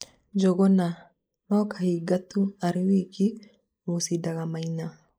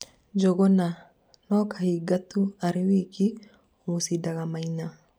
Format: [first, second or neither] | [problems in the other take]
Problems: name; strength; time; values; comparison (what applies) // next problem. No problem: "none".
second | noise reduction (neural mask model Resemble Enhance denoiser)